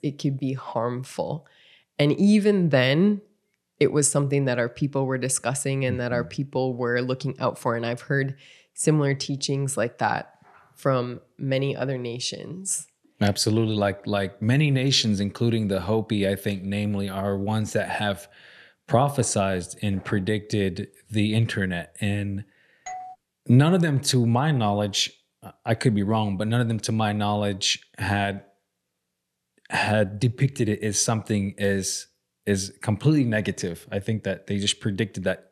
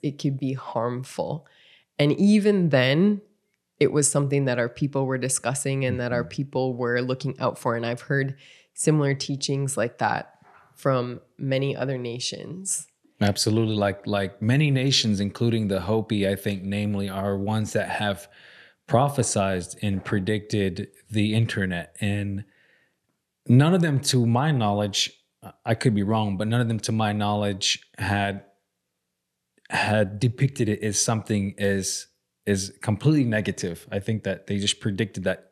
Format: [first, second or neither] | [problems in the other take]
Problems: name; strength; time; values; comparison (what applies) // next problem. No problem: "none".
second | doorbell; faint; at 23 s; peak 15 dB below the speech